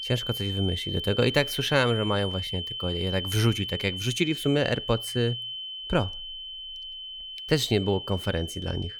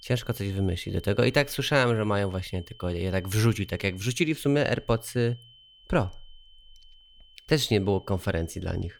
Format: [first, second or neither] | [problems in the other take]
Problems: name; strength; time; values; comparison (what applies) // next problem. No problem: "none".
second | high-pitched whine; loud; throughout; 3 kHz, 6 dB below the speech; faint in the second